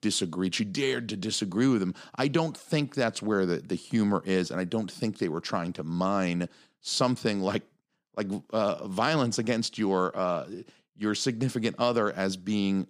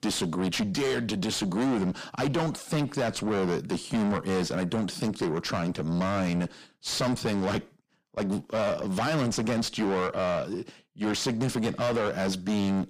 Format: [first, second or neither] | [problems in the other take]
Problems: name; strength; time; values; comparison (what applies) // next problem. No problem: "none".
first | distortion; heavy; 5 dB below the speech